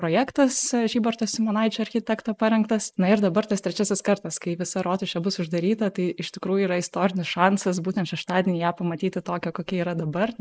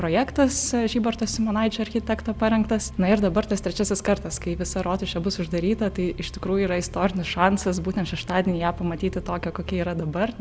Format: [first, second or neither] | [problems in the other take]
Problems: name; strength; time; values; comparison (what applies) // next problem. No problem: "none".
second | noise reduction (neural mask model Resemble Enhance denoiser)